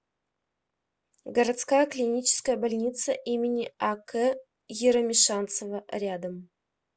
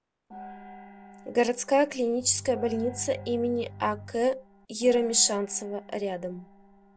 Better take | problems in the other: first | background sound (Gong + Bowed string instrument); 17 dB below the speech

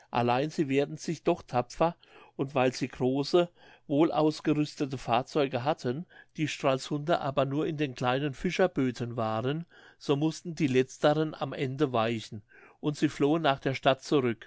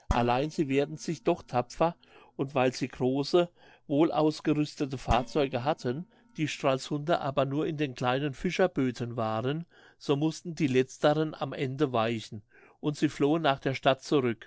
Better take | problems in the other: first | noise reduction (neural separator model SepFormer DNS4)

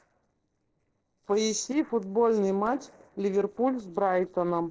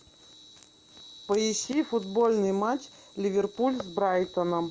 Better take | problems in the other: second | noise reduction (neural separator model SepFormer DNS4)

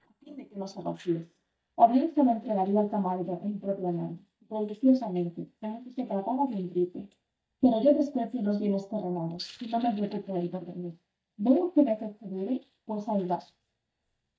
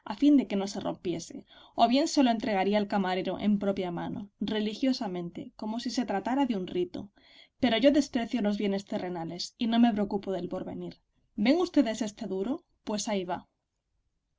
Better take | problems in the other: second | noise reduction (neural mask model DeepFilterNet 3)

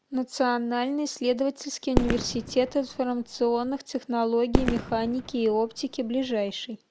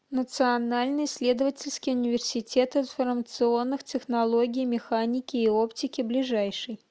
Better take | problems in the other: second | background sound (Fireworks); 4 dB below the speech

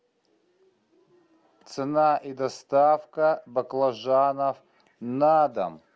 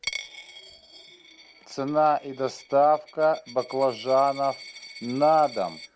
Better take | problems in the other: first | background sound (Coin (dropping)); 17 dB below the speech

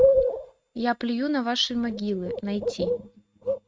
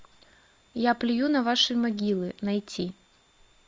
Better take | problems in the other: second | noise reduction (neural mask model RNNoise)

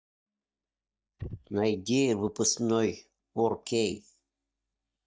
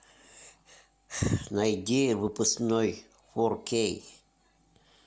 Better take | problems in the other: second | noise reduction (neural mask model DeepFilterNet 3)

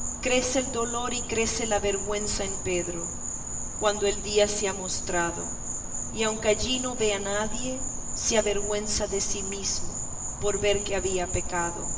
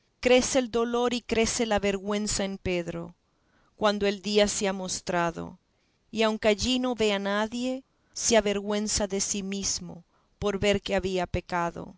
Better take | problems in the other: second | background sound (Insect); 3 dB below the speech // room echo; dies away in 0.8 s

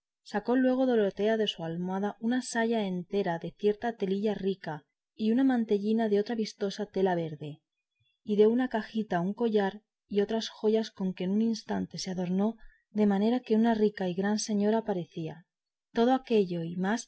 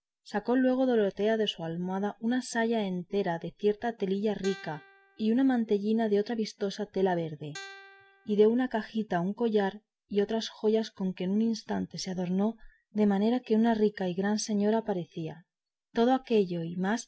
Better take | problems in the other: first | background sound (Guitar); 19 dB below the speech

